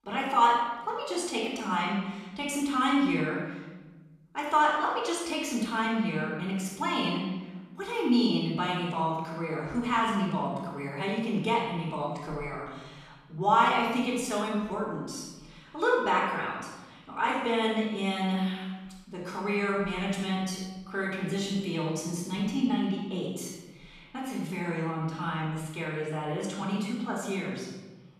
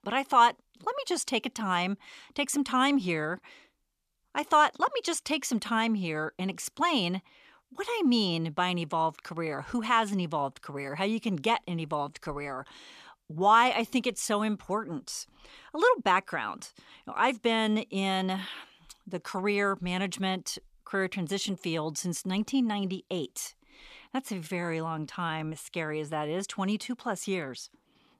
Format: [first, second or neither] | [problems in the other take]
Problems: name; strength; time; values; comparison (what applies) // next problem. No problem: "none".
second | off-mic speech; far // room echo; noticeable; dies away in 1.3 s